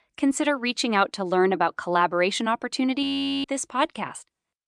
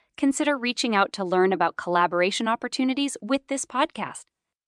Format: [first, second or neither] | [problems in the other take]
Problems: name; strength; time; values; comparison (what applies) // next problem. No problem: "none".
second | audio freezing; at 3 s